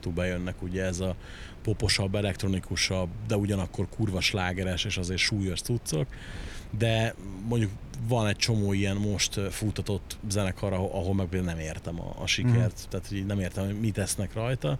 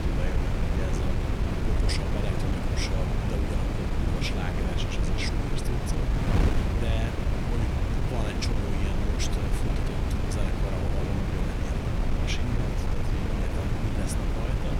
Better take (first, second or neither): first